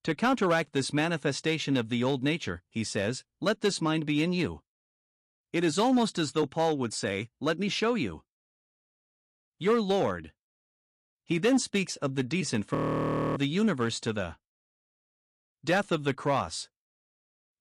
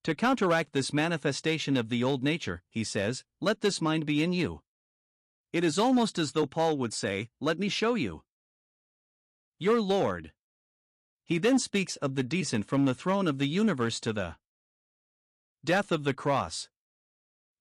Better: second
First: audio freezing; at 13 s for 0.5 s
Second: none

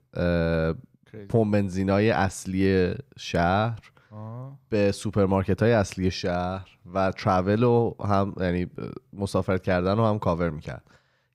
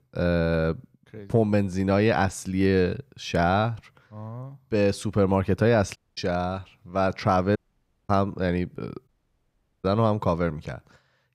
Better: first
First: none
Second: audio cutting out; at 6 s, at 7.5 s for 0.5 s and at 9 s for 1 s

